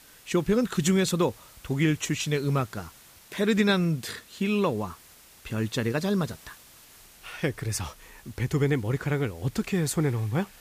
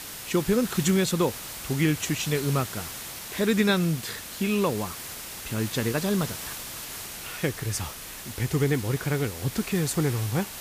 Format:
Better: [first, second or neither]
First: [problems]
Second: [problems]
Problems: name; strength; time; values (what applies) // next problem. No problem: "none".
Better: first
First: hiss; faint; throughout; 25 dB below the speech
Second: hiss; loud; throughout; 9 dB below the speech